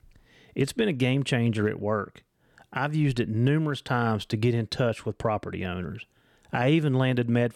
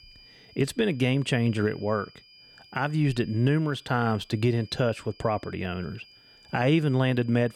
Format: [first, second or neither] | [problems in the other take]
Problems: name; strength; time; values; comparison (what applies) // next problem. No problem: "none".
first | high-pitched whine; faint; throughout; 5 kHz, 25 dB below the speech